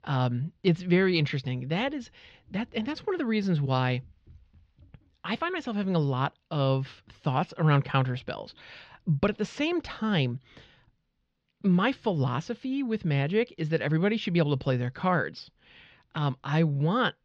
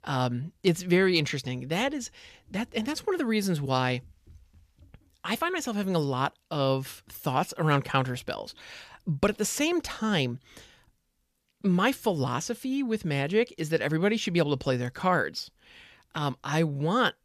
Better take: second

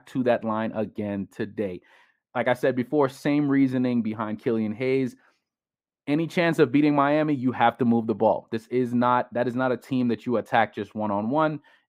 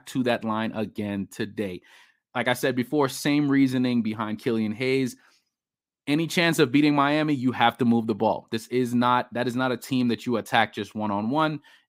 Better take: second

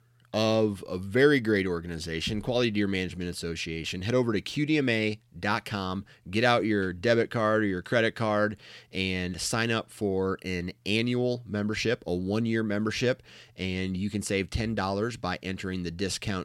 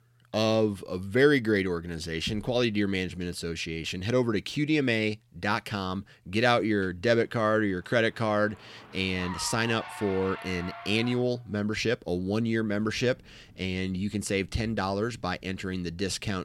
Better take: first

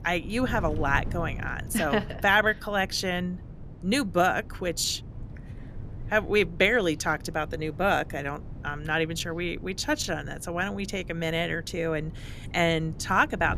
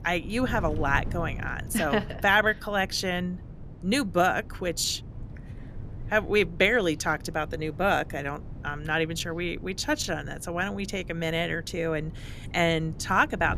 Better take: neither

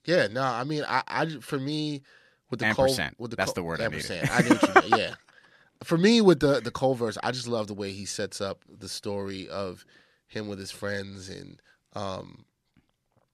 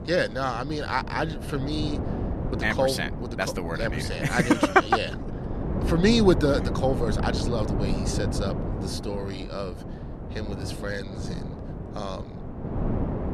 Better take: first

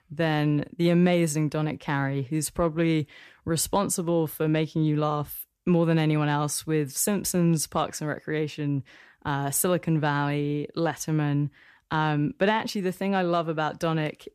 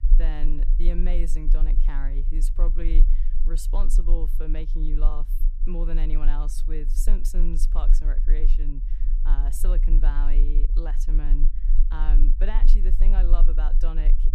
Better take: first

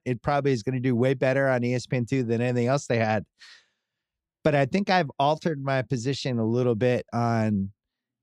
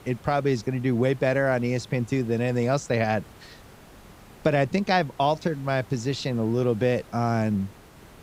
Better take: first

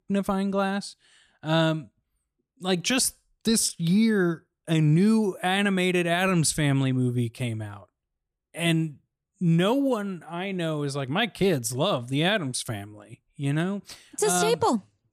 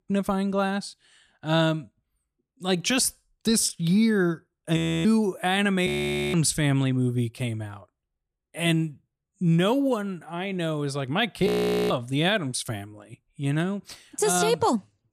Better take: first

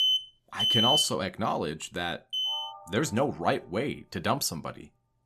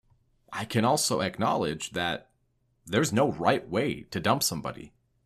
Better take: second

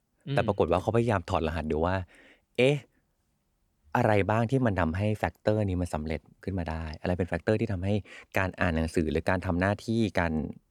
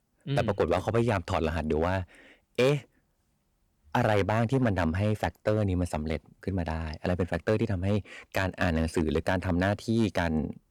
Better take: first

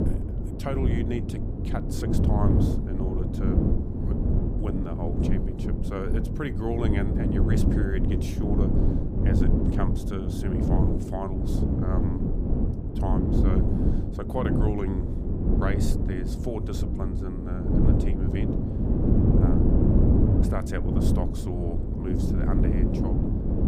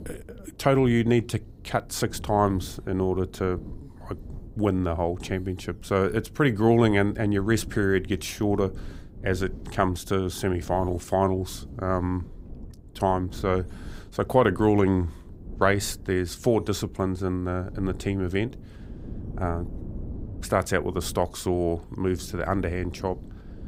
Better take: second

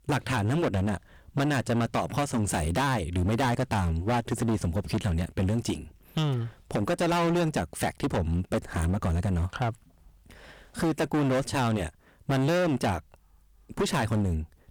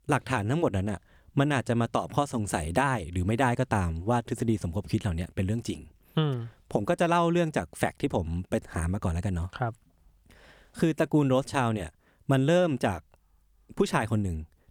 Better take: second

